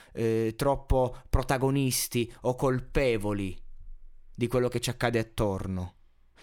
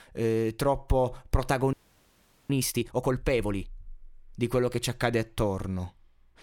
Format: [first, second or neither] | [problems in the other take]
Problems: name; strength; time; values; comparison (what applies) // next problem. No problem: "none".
first | audio freezing; at 1.5 s for 1 s